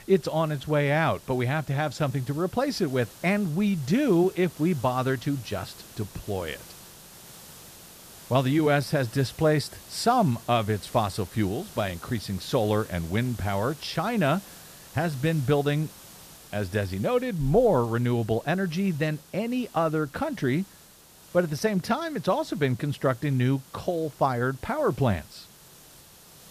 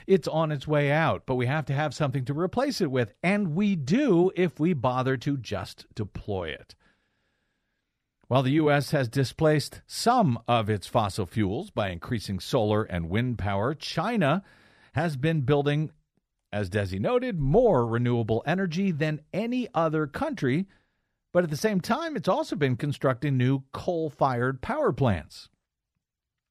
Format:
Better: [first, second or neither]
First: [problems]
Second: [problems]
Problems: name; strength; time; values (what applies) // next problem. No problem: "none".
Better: second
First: hiss; noticeable; throughout; 20 dB below the speech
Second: none